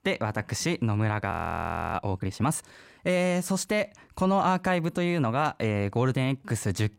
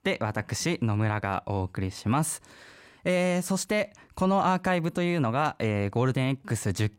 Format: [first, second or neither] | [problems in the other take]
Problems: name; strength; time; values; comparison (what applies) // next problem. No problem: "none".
second | audio freezing; at 1.5 s for 0.5 s